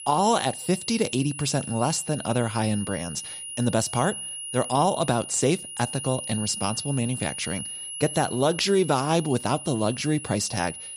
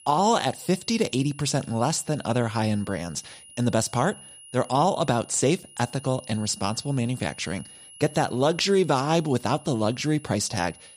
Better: second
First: high-pitched whine; loud; throughout; 10.5 kHz, 8 dB below the speech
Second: high-pitched whine; faint; throughout; 10.5 kHz, 20 dB below the speech

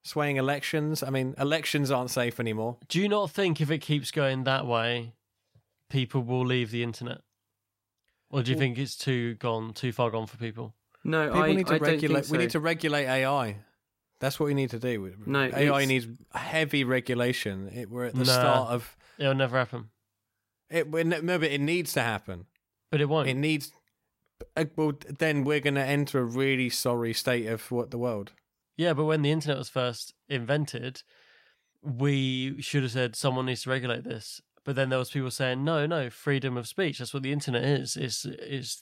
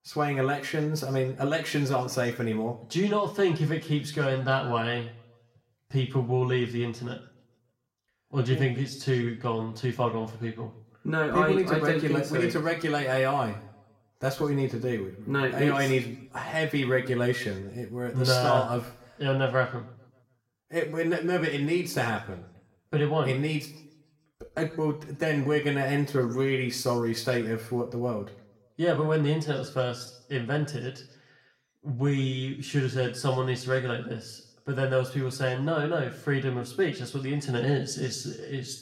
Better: first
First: none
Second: room echo; slight; dies away in 0.6 s // off-mic speech; somewhat distant

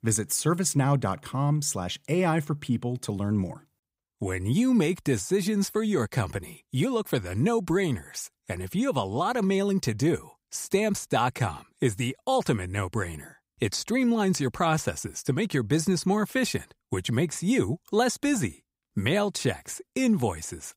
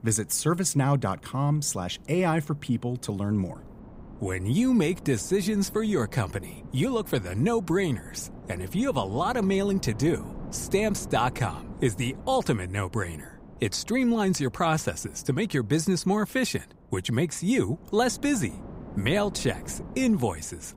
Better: first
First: none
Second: wind noise on the microphone; occasional gusts; 20 dB below the speech

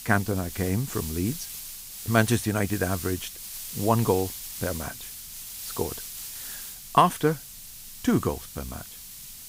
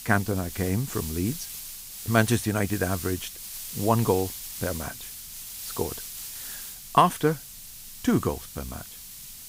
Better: neither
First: hiss; loud; throughout; 9 dB below the speech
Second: hiss; loud; throughout; 9 dB below the speech

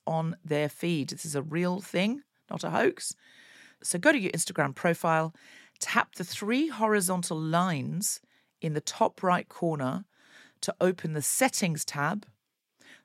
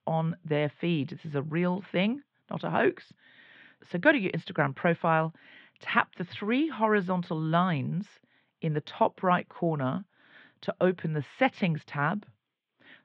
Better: first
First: none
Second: muffled; very; fading above 3.5 kHz

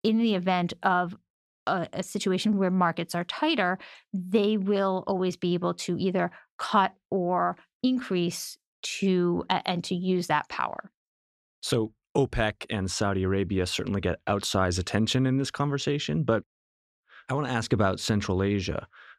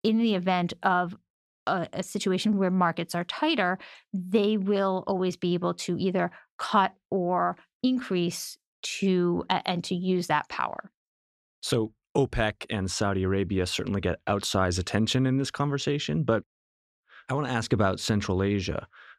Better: neither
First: none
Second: none

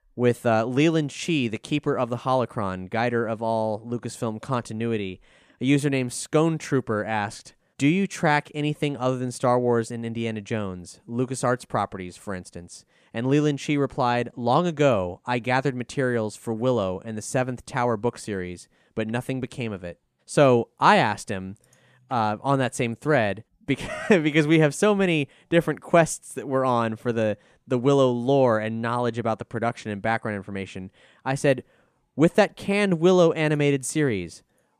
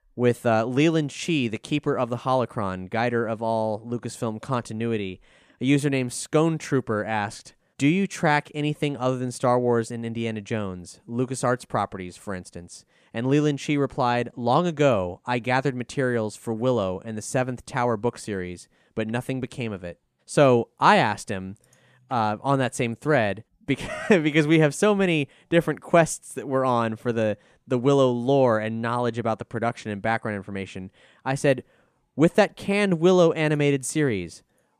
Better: neither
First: none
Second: none

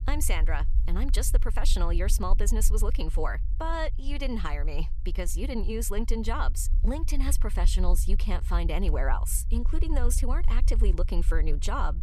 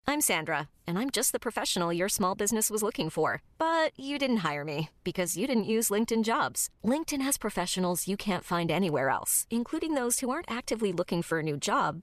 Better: second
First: low rumble; noticeable; throughout; 15 dB below the speech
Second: none

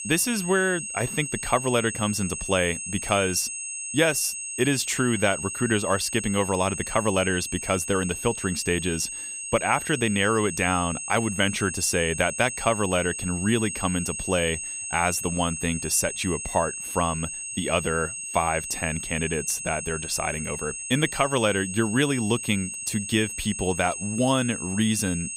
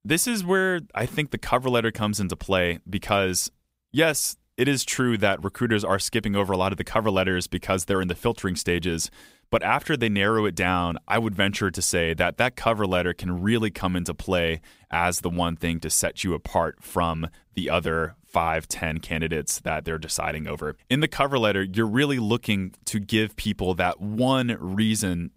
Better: second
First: high-pitched whine; loud; throughout; 8 kHz, 6 dB below the speech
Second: none

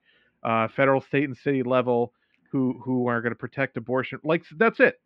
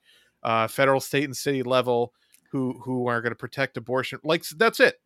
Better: second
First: muffled; very; fading above 2.5 kHz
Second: none

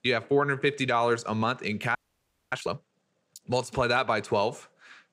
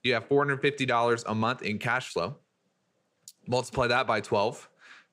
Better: second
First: audio freezing; at 2 s for 0.5 s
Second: none

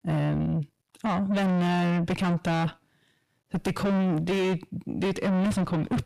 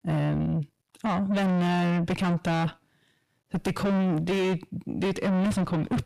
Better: neither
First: distortion; heavy; 5 dB below the speech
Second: distortion; heavy; 5 dB below the speech

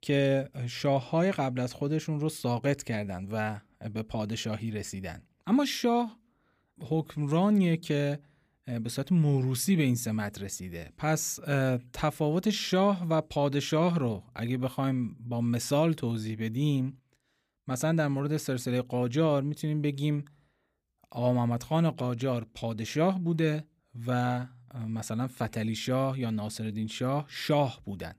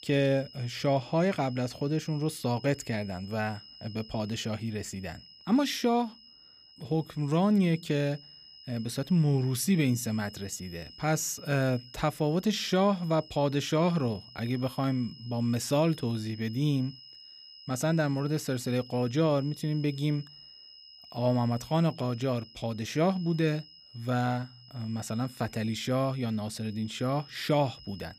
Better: first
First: none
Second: high-pitched whine; noticeable; throughout; 5 kHz, 20 dB below the speech

